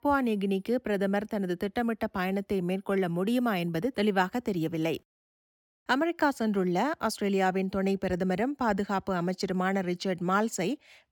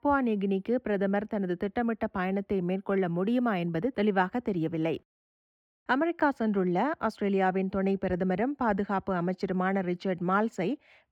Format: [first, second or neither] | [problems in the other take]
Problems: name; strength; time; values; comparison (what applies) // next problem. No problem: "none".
first | muffled; slightly; fading above 4 kHz